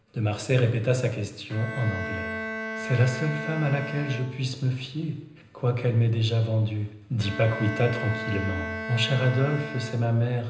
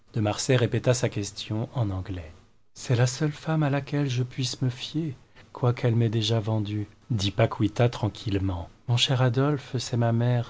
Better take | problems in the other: second | background sound (Bowed string instrument); 10 dB below the speech // room echo; dies away in 0.9 s

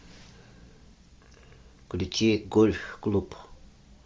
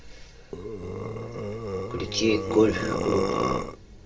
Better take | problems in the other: first | background sound (Burping, eructation); 1 dB below the speech // room echo; dies away in 1.5 s

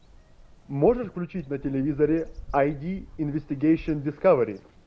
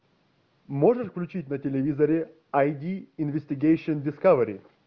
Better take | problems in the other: second | background sound (Bird vocalization, bird call, bird song); 18 dB below the speech

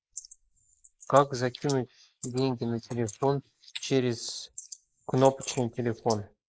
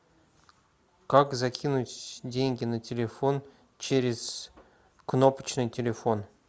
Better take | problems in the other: second | noise reduction (neural mask model Resemble Enhance denoiser)

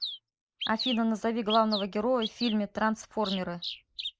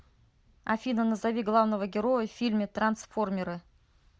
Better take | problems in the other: second | noise reduction (neural mask model Resemble Enhance denoiser)

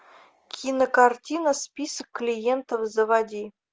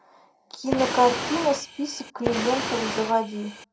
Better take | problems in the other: first | background sound (Fire); 5 dB below the speech // room echo; dies away in 0.2 s

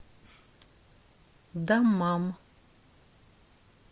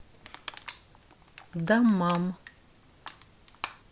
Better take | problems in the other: first | background sound (Crushing); 16 dB below the speech

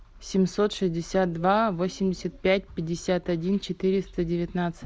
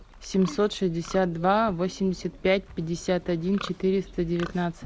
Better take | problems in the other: first | background sound (Livestock, farm animals, working animals); 19 dB below the speech

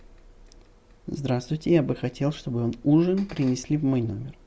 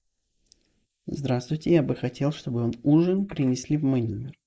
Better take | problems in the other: first | noise reduction (neural mask model Resemble Enhance denoiser)

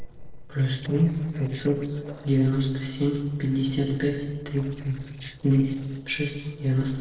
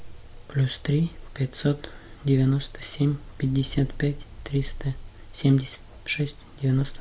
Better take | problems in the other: second | noise reduction (neural separator model SepFormer DNS4)

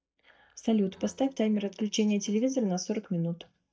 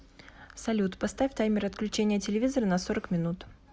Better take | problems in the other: second | noise reduction (neural mask model DeepFilterNet 3)

